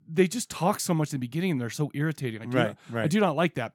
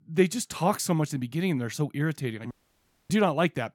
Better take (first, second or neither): first